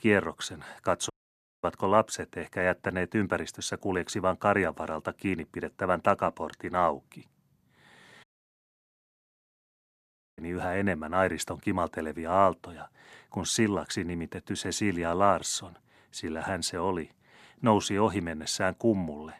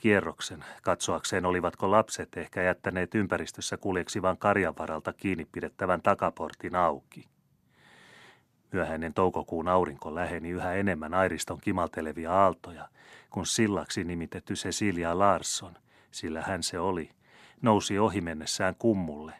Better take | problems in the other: second | audio cutting out; at 1 s for 0.5 s and at 8 s for 2 s

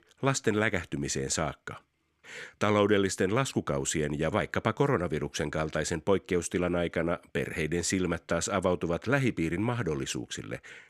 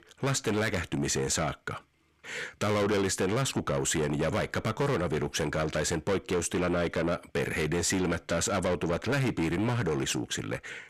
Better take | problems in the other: first | distortion; heavy; 6 dB below the speech

